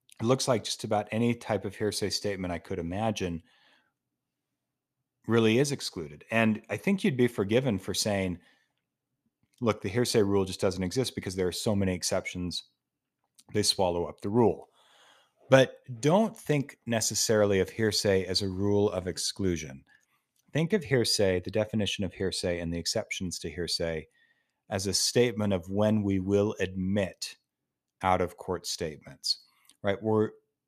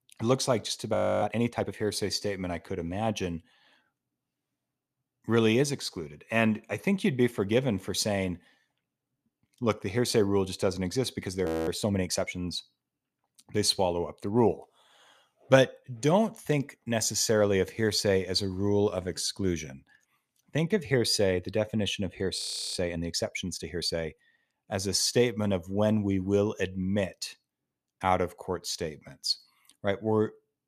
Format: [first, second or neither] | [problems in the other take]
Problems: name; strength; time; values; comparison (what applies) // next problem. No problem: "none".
first | audio freezing; at 1 s, at 11 s and at 22 s